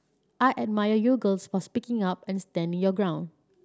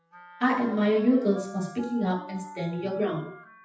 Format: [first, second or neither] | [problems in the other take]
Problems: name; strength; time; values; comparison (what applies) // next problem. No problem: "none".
first | noise reduction (classical method WPE with log-MMSE)